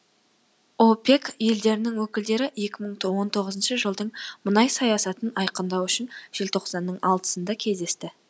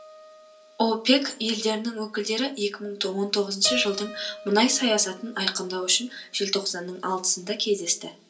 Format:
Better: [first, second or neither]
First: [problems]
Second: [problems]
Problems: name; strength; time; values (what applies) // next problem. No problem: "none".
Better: first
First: none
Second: background sound (Keyboard (musical)); 17 dB below the speech // room echo; dies away in 0.3 s